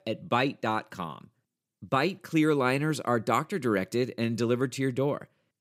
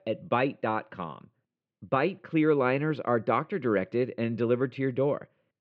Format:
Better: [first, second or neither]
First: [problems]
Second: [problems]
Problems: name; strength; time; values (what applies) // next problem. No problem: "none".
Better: first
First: none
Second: muffled; very; fading above 3 kHz